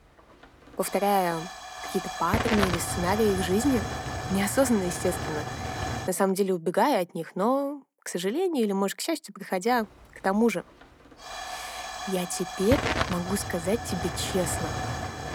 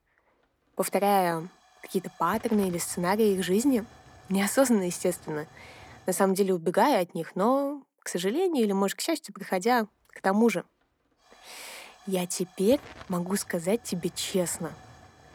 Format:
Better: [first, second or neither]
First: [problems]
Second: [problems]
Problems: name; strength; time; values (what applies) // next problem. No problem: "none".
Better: second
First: hiss; loud; until 6 s and from 9.5 s on; 5 dB below the speech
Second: hiss; faint; until 6 s and from 9.5 s on; 25 dB below the speech